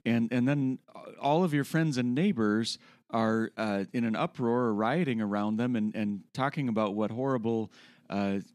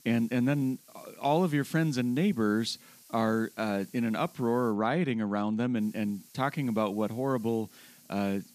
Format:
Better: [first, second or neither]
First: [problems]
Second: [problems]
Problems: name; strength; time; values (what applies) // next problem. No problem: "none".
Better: first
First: none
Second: hiss; faint; until 4.5 s and from 6 s on; 25 dB below the speech